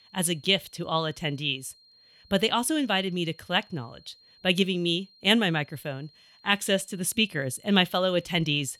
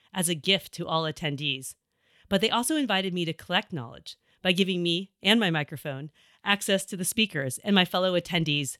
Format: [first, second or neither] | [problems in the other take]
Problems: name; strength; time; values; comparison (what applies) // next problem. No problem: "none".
second | high-pitched whine; faint; throughout; 4 kHz, 30 dB below the speech